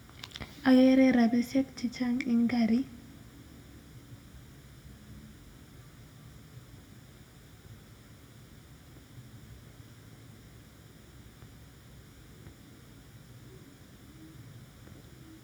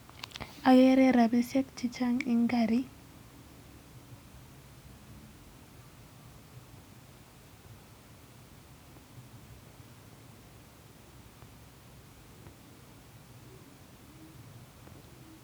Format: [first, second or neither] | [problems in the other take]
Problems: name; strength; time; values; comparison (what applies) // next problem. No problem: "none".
second | room echo; dies away in 0.7 s